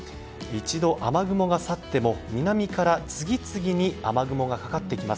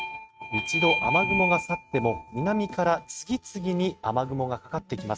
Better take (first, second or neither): first